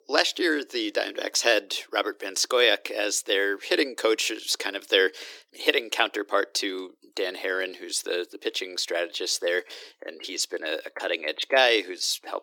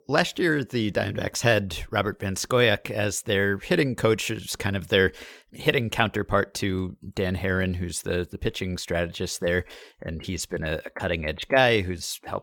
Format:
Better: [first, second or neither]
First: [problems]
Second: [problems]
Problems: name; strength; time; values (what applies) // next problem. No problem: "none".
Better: second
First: thin; somewhat; fading below 300 Hz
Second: none